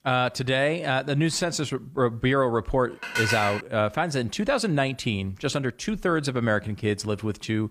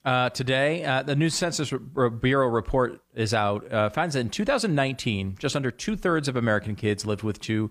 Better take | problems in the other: second | clattering dishes; loud; at 3 s; peak 1 dB above the speech

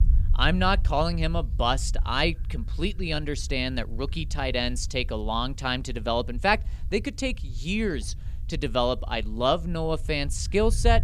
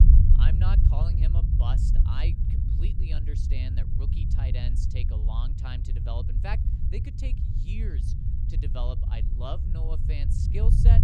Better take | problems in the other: first | low rumble; loud; throughout; 1 dB below the speech; faint in the first

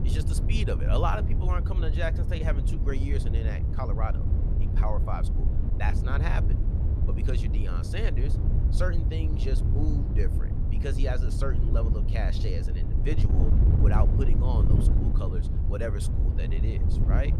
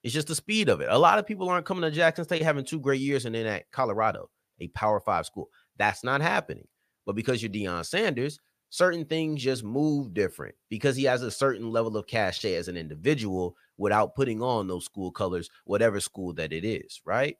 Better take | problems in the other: second | wind noise on the microphone; heavy; 5 dB below the speech

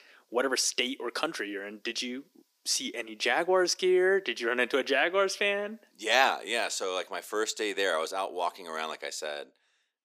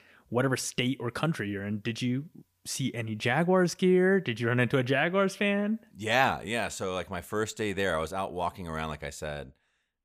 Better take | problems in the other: second | thin; somewhat; fading below 300 Hz

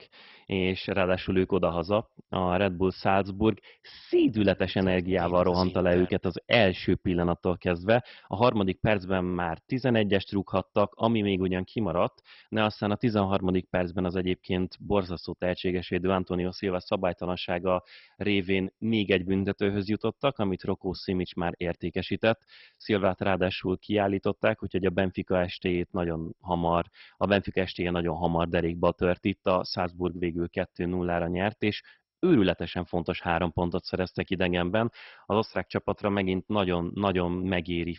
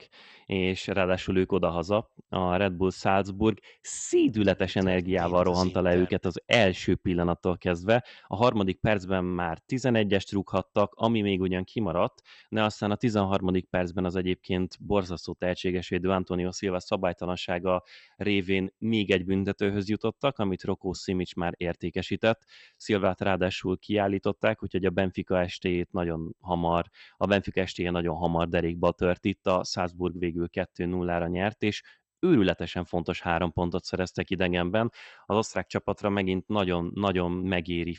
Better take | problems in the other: second | garbled, watery; badly; nothing above 5.5 kHz; slightly in the second

